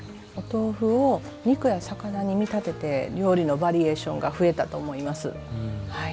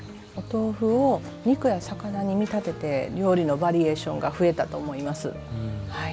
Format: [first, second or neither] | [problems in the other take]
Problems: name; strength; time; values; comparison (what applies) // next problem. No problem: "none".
first | background sound (Electric guitar); 19 dB below the speech